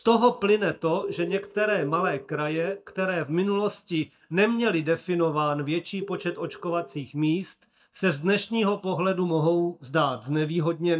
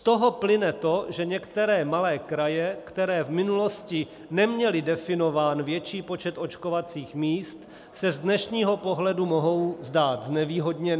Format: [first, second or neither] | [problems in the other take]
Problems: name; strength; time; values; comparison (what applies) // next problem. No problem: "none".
second | noise reduction (neural mask model DeepFilterNet 3)